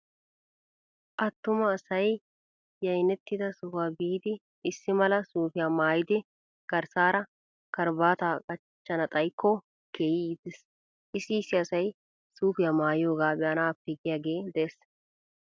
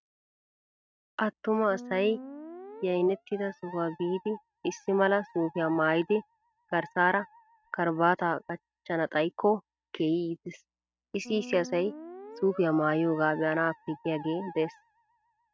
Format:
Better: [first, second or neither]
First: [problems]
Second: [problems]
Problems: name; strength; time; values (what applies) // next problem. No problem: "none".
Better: first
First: none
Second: noise reduction (neural mask model RNNoise)